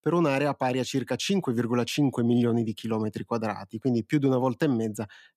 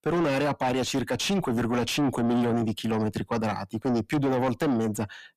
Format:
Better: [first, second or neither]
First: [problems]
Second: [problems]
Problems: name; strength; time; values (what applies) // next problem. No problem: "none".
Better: first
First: none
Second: distortion; heavy; 7 dB below the speech